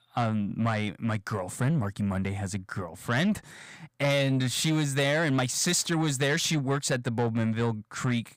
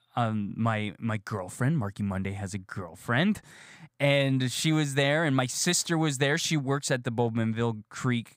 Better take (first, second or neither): second